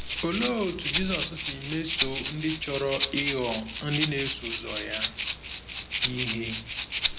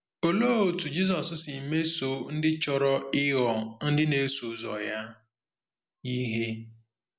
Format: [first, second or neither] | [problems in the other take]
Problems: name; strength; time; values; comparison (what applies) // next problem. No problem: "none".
second | background sound (Rattle (instrument)); as loud as the speech